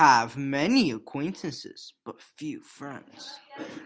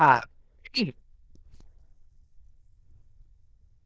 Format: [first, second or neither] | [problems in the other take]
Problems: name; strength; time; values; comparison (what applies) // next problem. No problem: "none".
first | noise reduction (neural diffusion model UNIVERSE++)